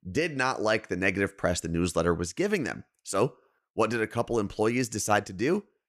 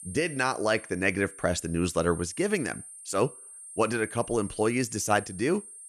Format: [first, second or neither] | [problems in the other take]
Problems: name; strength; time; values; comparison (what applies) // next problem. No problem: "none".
first | high-pitched whine; noticeable; throughout; 8.5 kHz, 15 dB below the speech